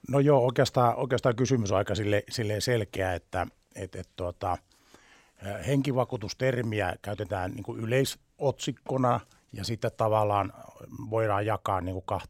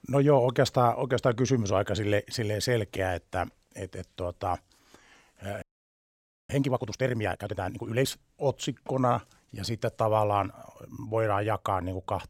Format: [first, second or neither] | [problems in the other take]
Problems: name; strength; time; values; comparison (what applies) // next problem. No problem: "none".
first | audio freezing; at 5.5 s for 1 s